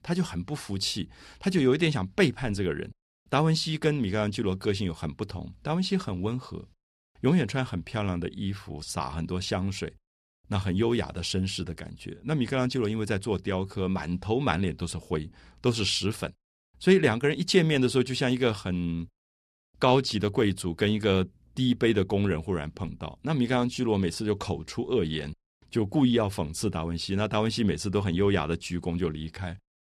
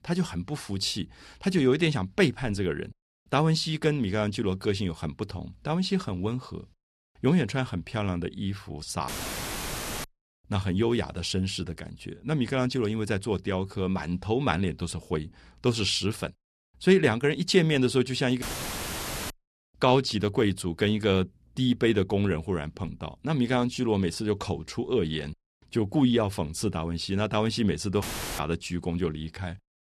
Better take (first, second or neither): first